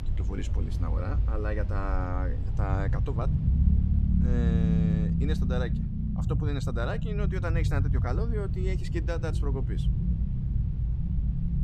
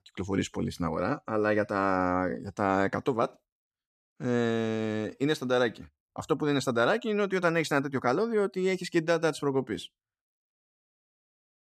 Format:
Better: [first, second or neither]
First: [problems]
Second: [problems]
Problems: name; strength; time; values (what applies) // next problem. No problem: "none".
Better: second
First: low rumble; loud; throughout; 4 dB below the speech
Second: none